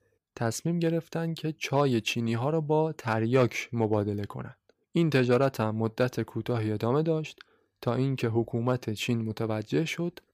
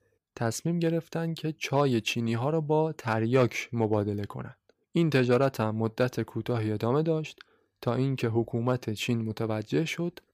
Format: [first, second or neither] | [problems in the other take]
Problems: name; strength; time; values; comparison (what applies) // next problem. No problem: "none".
neither | none